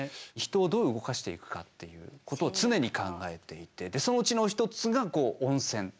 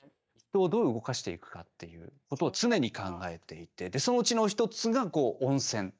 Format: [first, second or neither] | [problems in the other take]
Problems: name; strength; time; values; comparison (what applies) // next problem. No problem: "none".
first | noise reduction (neural mask model DeepFilterNet 3)